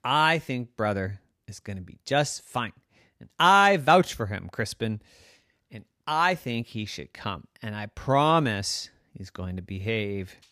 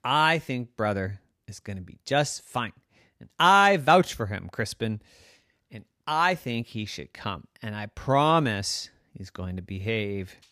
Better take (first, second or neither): neither